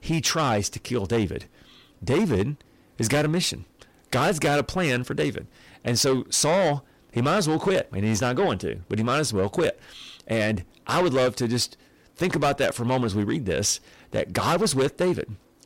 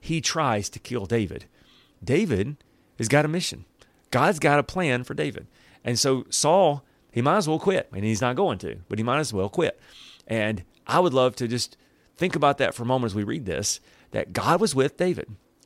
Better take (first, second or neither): second